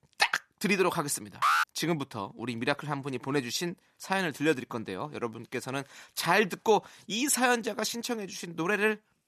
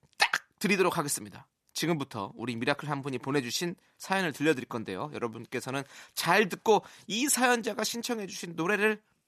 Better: second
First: alarm; loud; at 1.5 s; peak 4 dB above the speech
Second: none

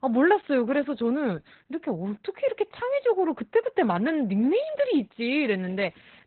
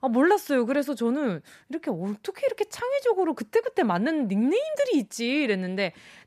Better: second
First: garbled, watery; badly; nothing above 4 kHz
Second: none

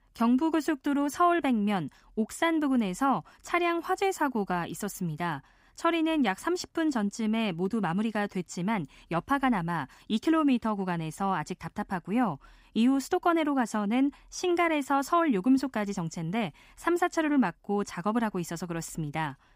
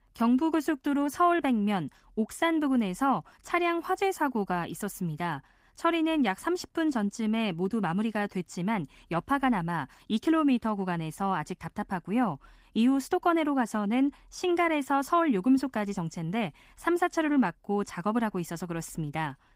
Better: first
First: none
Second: garbled, watery; slightly; nothing above 15.5 kHz

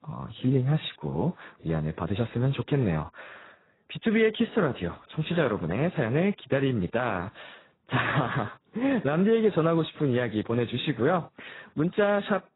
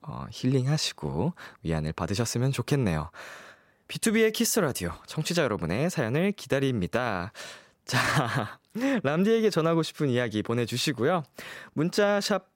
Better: second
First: garbled, watery; badly; nothing above 4 kHz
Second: none

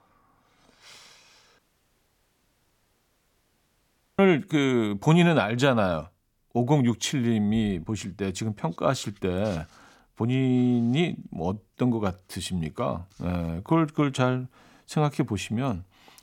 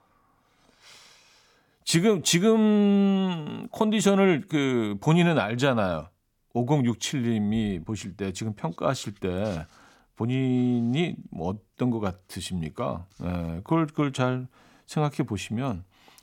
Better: second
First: audio cutting out; at 1.5 s for 2.5 s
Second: none

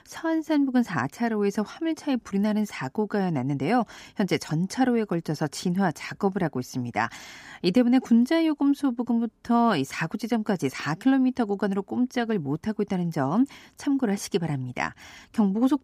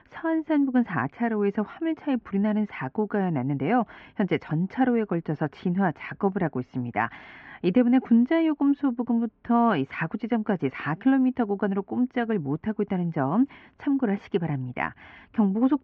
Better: first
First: none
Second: muffled; very; fading above 2.5 kHz

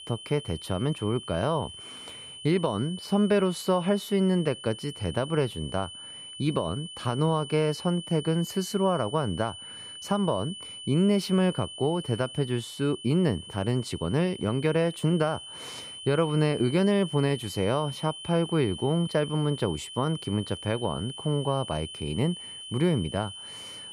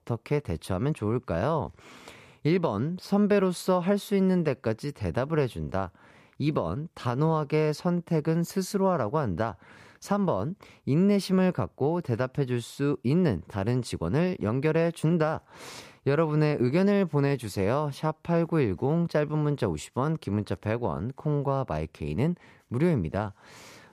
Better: second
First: high-pitched whine; noticeable; throughout; 3 kHz, 10 dB below the speech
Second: none

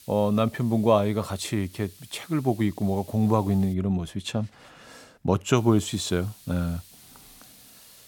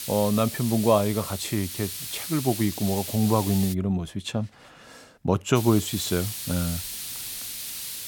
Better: first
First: hiss; faint; until 3.5 s and from 5.5 s on; 25 dB below the speech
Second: hiss; loud; until 3.5 s and from 5.5 s on; 7 dB below the speech

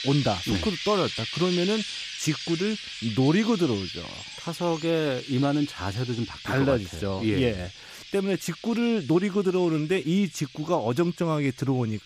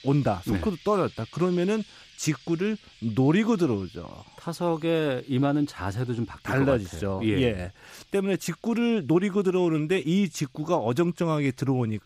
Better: second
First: animal sounds; loud; throughout; 9 dB below the speech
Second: animal sounds; faint; throughout; 25 dB below the speech

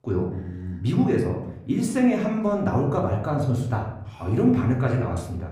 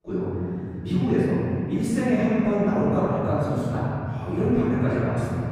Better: first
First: room echo; slight; dies away in 0.7 s // off-mic speech; somewhat distant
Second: room echo; strong; dies away in 3 s // off-mic speech; far

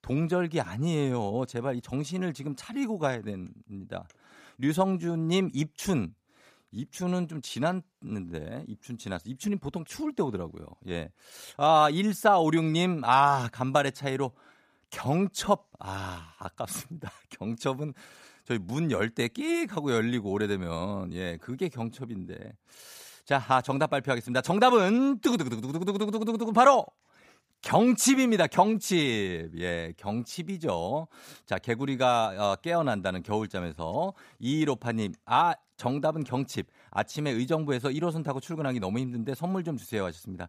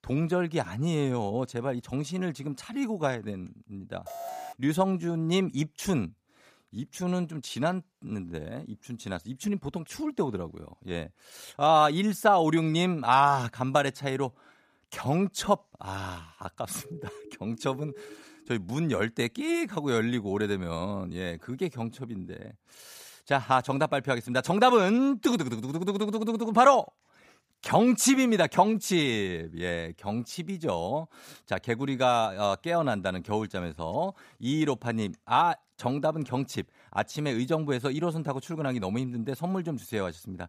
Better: first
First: none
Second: alarm; faint; at 4 s; peak 10 dB below the speech // siren; faint; from 17 to 18 s; peak 20 dB below the speech

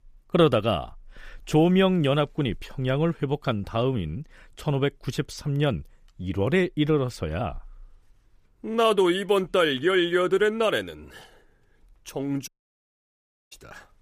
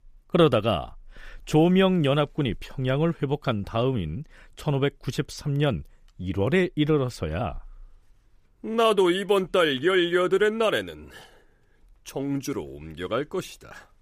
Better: second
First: audio cutting out; at 12 s for 1 s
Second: none

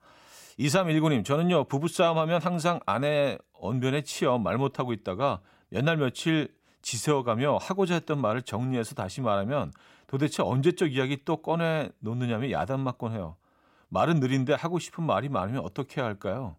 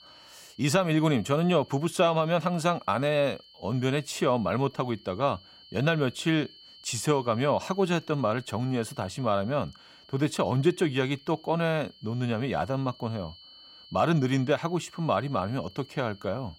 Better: first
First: none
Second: high-pitched whine; faint; throughout; 3 kHz, 25 dB below the speech

